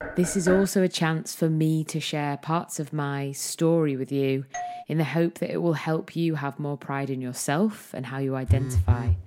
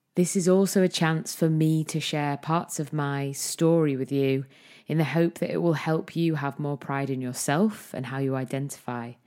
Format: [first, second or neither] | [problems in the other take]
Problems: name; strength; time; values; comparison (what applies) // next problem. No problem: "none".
second | door banging; noticeable; at the start; peak 5 dB below the speech // doorbell; noticeable; at 4.5 s; peak 8 dB below the speech // phone ringing; loud; at 8.5 s; peak 3 dB above the speech